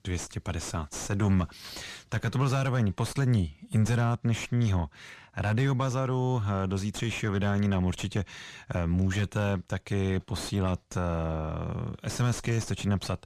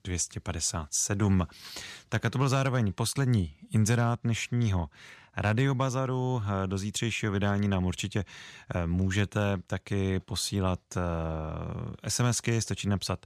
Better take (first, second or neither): second